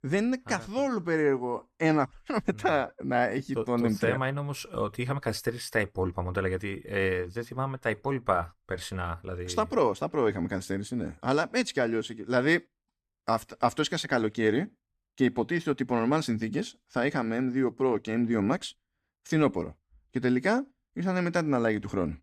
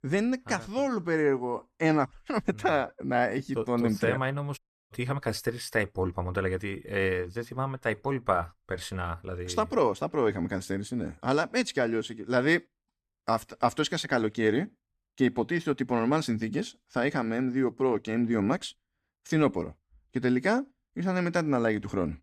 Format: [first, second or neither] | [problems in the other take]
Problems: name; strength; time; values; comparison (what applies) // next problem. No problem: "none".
first | audio cutting out; at 4.5 s